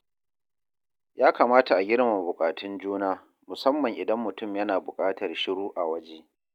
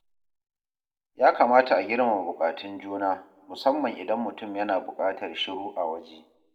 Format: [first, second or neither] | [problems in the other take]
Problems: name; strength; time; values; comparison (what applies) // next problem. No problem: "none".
first | room echo; dies away in 0.4 s